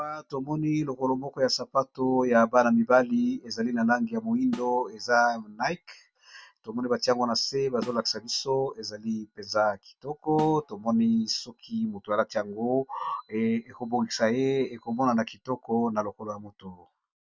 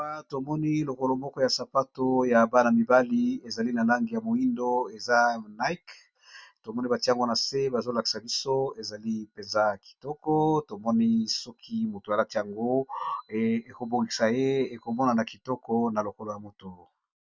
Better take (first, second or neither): second